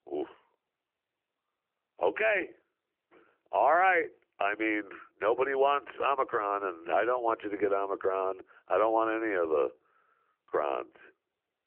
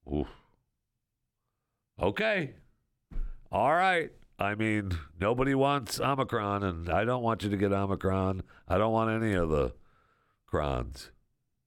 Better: second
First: phone-call audio; nothing above 3 kHz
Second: none

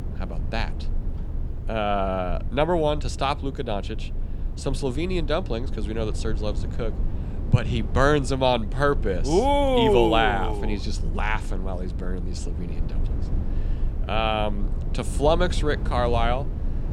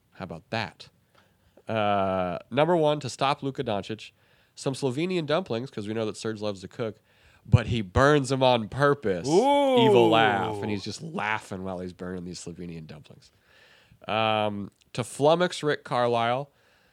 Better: second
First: low rumble; noticeable; throughout; 20 dB below the speech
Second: none

